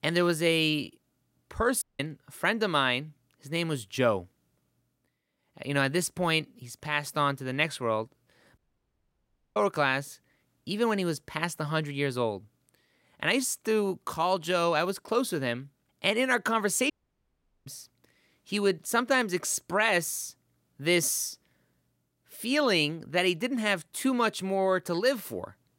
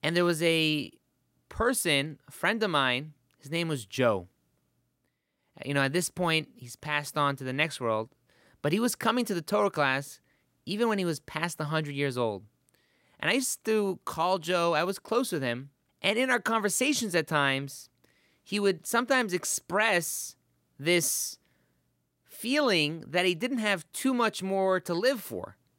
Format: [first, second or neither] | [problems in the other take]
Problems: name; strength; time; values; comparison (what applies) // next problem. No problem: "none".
second | audio cutting out; at 2 s, at 8.5 s for 1 s and at 17 s for 1 s